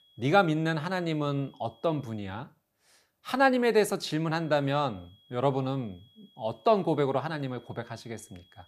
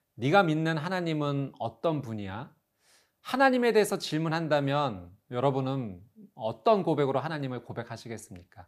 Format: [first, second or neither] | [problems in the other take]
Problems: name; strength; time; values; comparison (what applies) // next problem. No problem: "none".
second | high-pitched whine; faint; until 2.5 s and from 4.5 s on; 3.5 kHz, 30 dB below the speech